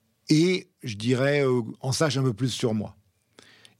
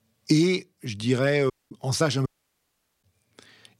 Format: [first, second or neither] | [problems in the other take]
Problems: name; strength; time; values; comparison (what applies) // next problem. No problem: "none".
first | audio cutting out; at 1.5 s and at 2.5 s for 1 s